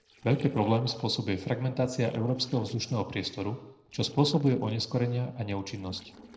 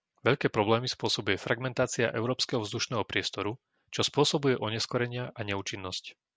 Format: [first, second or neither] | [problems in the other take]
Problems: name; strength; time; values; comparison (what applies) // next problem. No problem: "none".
second | noise reduction (neural separator model SepFormer DNS4)